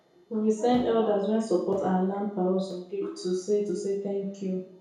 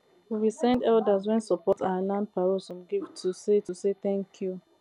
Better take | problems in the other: second | room echo; dies away in 0.5 s

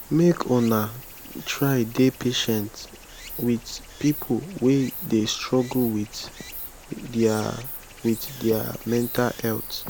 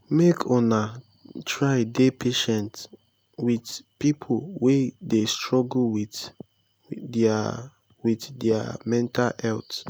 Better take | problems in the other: second | background sound (Stream); 14 dB below the speech

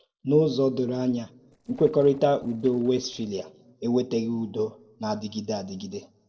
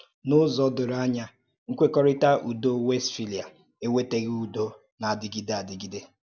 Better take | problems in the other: second | noise reduction (neural separator model SepFormer DNS4)

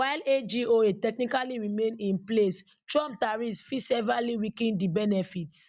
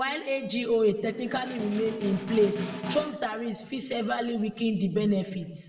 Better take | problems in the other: first | background sound (Snare drum); 10 dB below the speech // room echo; dies away in 0.8 s

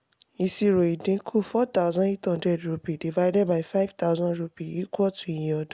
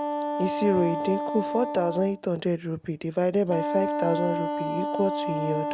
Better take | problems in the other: first | background sound (Wind instrument, woodwind instrument); 3 dB below the speech

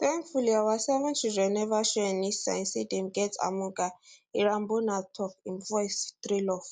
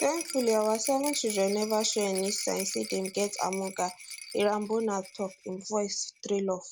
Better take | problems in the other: first | background sound (Rattle); 12 dB below the speech

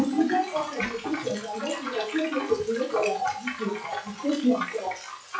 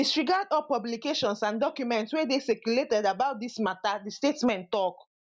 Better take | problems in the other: second | noise reduction (classical method WPE with log-MMSE)

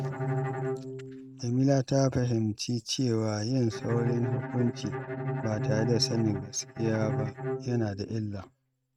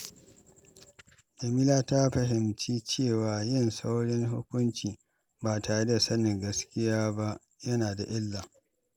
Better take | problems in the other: second | noise reduction (neural mask model RNNoise)

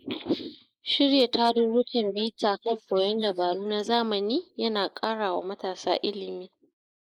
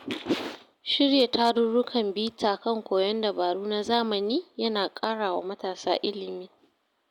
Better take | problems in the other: second | noise reduction (neural mask model Resemble Enhance denoiser)

